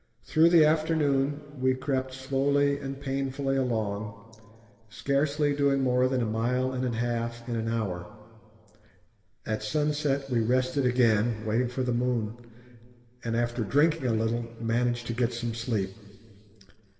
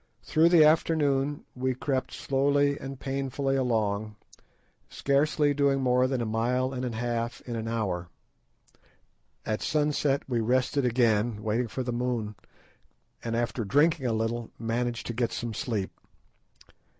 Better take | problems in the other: second | room echo; dies away in 2.2 s

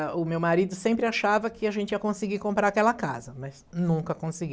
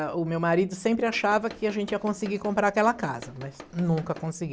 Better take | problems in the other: first | background sound (Tools); 19 dB below the speech

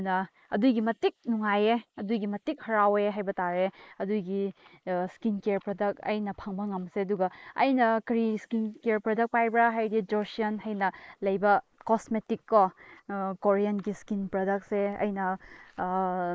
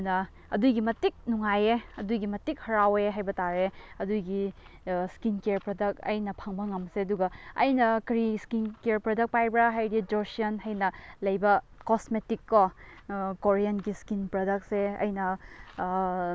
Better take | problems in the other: second | noise reduction (neural mask model Resemble Enhance denoiser)

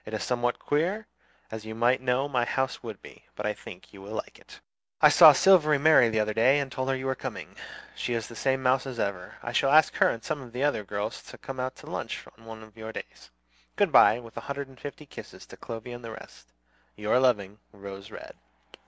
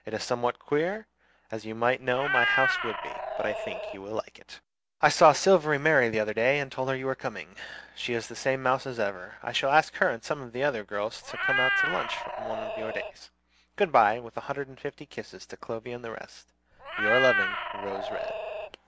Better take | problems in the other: first | background sound (Meow); 1 dB below the speech

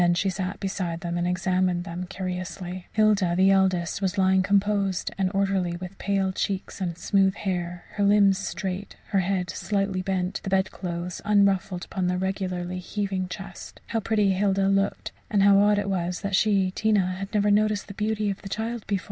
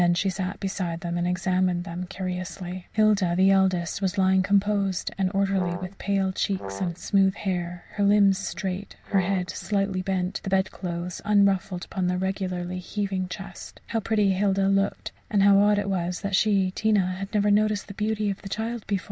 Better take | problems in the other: first | background sound (Brass instrument); 12 dB below the speech

